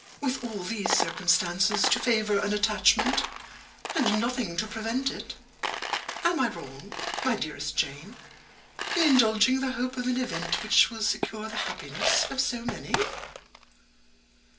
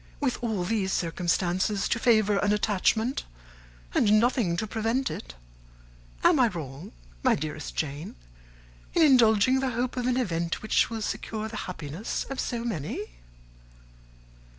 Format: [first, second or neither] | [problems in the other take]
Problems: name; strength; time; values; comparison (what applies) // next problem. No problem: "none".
second | background sound (Coin (dropping)); 6 dB below the speech // room echo; dies away in 0.3 s